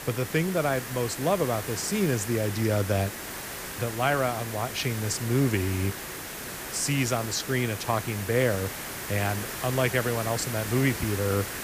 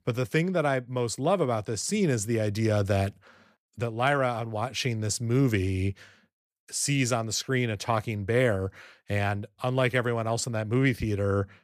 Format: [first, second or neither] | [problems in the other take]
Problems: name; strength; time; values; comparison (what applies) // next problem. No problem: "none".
second | hiss; loud; throughout; 7 dB below the speech